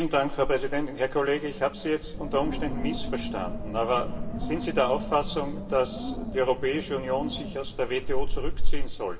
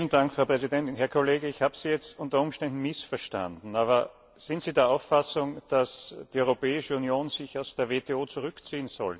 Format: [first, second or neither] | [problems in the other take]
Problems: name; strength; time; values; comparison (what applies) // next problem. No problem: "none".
second | background sound (Wind); 1 dB above the speech // room echo; dies away in 1.4 s